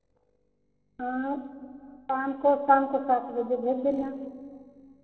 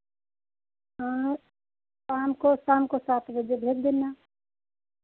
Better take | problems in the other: second | noise reduction (neural separator model SepFormer DNS4)

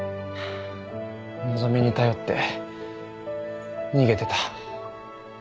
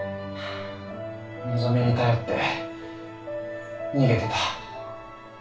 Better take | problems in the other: first | room echo; dies away in 0.3 s

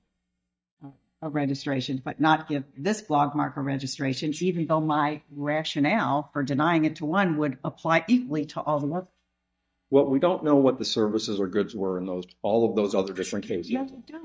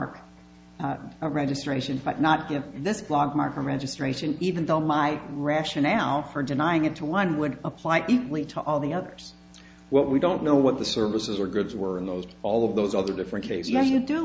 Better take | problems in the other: second | noise reduction (neural mask model DeepFilterNet 3)

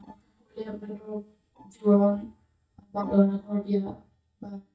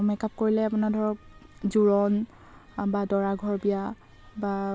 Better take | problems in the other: second | noise reduction (neural mask model DeepFilterNet 3)

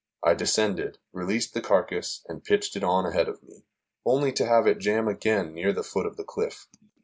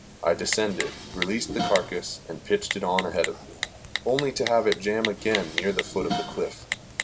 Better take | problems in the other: first | background sound (Dishes, pots, and pans + Typing); 6 dB below the speech

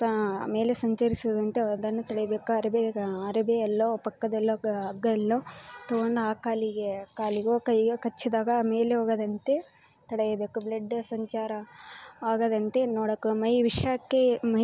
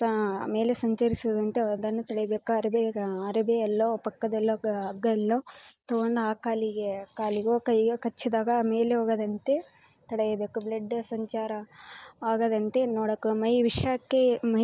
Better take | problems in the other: first | noise reduction (neural mask model Resemble Enhance denoiser)

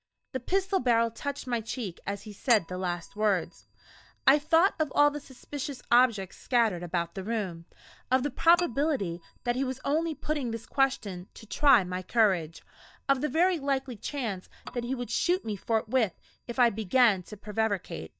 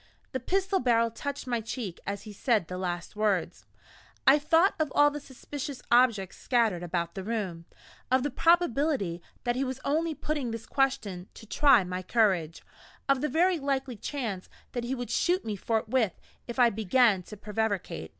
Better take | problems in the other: second | noise reduction (neural mask model DeepFilterNet 3)

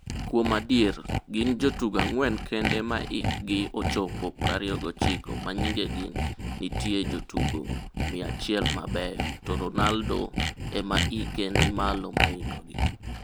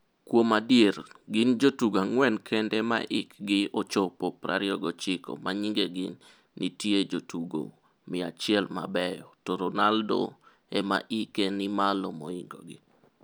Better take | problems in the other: second | background sound (Sawing); as loud as the speech

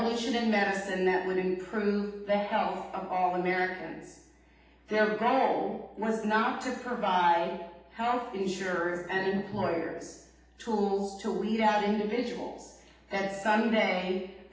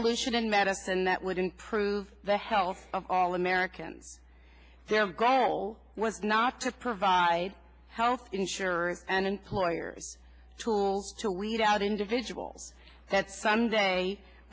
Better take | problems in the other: second | background sound (Knock); 18 dB below the speech // room echo; dies away in 0.8 s

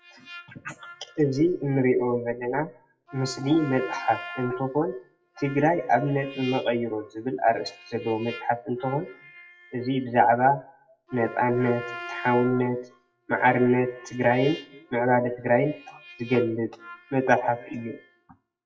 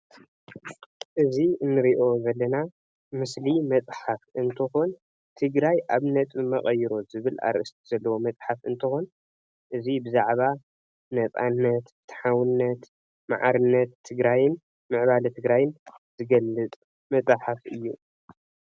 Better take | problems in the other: second | noise reduction (classical method WPE with log-MMSE)

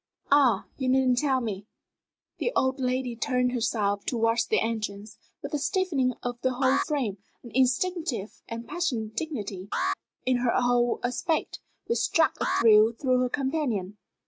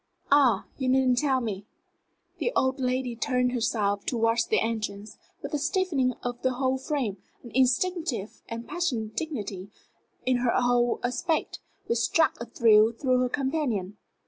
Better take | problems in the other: second | noise reduction (neural mask model RNNoise)

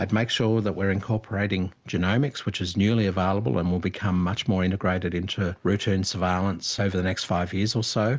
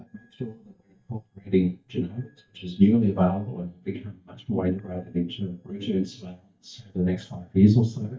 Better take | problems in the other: first | noise reduction (neural mask model DeepFilterNet 3)

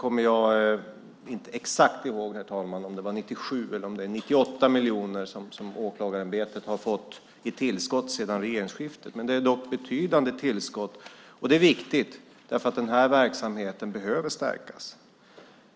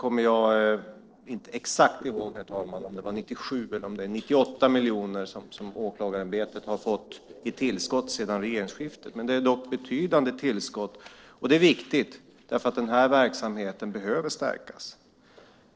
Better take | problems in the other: first | noise reduction (neural separator model SepFormer DNS4)

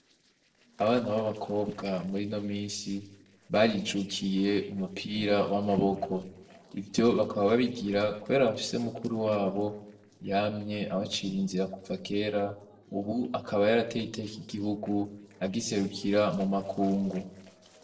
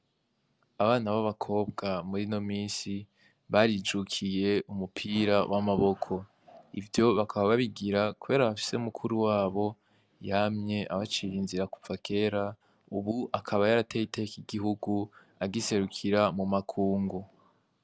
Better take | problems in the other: second | noise reduction (neural separator model SepFormer DNS4)

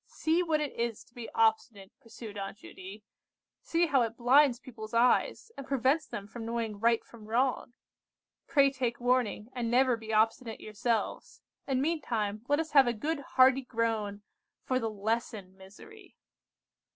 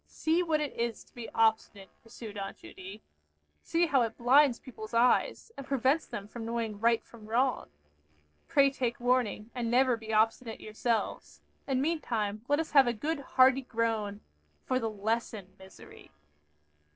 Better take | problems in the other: first | noise reduction (neural separator model SepFormer DNS4)

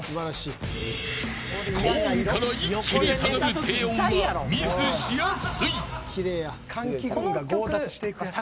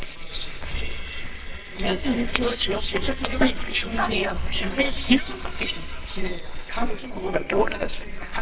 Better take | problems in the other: first | noise reduction (neural separator model SepFormer WHAMR!)

